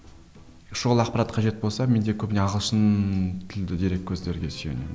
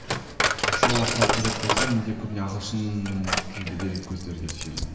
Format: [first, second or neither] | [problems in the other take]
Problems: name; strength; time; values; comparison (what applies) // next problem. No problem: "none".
first | background sound (Coin (dropping)); 2 dB above the speech // room echo; dies away in 1.4 s